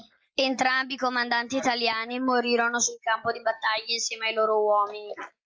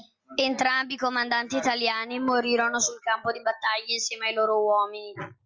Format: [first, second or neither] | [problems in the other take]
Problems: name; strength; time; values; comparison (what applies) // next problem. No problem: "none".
second | noise reduction (neural mask model Resemble Enhance denoiser)